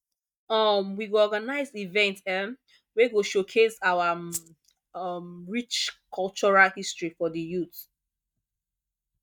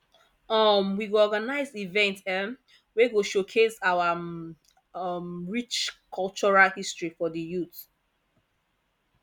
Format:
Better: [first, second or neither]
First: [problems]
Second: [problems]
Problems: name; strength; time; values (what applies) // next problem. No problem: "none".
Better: second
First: noise reduction (neural mask model DeepFilterNet 3)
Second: none